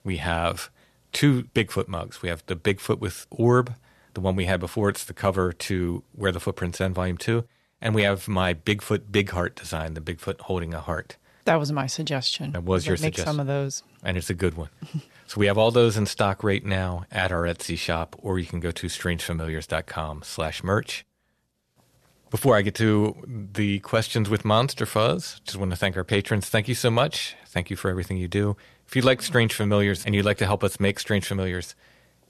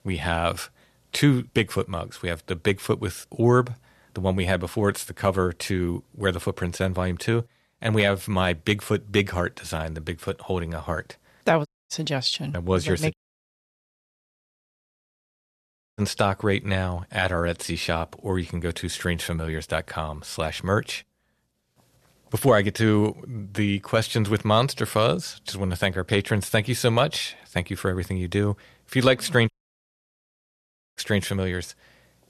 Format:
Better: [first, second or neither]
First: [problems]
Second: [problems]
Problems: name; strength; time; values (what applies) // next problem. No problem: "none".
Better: first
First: none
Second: audio cutting out; at 12 s, at 13 s for 3 s and at 30 s for 1.5 s